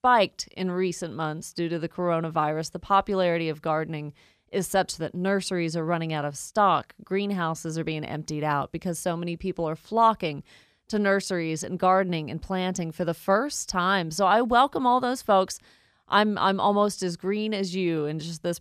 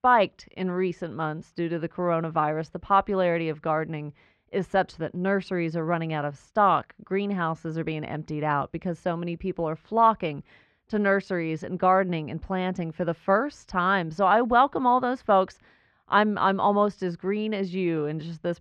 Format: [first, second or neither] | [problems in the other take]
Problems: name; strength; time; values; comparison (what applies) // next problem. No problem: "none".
first | muffled; very; fading above 2 kHz